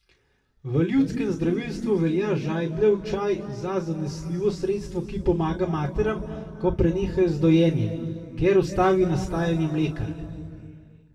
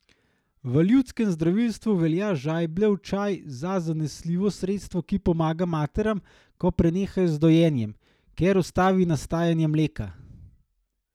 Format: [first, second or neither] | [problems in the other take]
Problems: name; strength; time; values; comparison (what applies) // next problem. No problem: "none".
second | room echo; dies away in 2.2 s